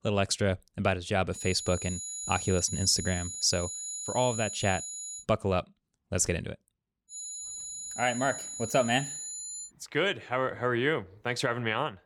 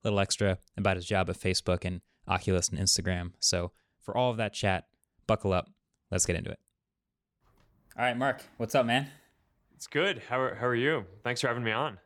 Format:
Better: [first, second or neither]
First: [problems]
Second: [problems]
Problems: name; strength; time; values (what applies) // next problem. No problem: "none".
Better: second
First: high-pitched whine; loud; from 1.5 to 5 s and from 7 to 9.5 s; 7 kHz, 7 dB below the speech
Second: none